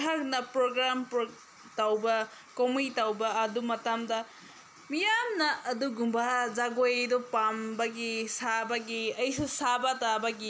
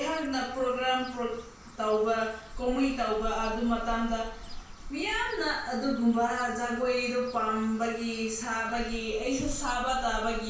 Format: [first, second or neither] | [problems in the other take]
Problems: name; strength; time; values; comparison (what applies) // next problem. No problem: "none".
first | background sound (Cricket / Bird); 12 dB below the speech // room echo; dies away in 0.5 s